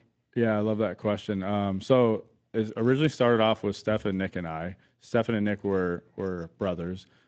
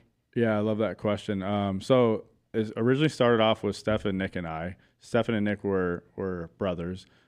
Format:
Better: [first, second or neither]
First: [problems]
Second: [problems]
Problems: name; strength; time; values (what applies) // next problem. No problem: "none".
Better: second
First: garbled, watery; slightly; nothing above 7.5 kHz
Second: none